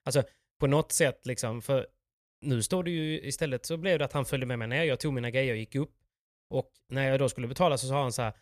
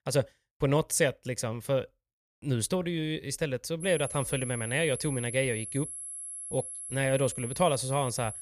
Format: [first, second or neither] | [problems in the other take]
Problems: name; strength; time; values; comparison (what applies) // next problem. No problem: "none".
first | high-pitched whine; loud; from 4 s on; 11 kHz, 7 dB below the speech